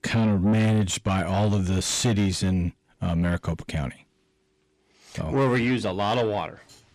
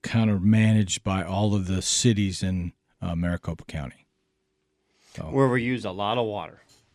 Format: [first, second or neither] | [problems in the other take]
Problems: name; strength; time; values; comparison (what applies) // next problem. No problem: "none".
second | distortion; heavy; 8 dB below the speech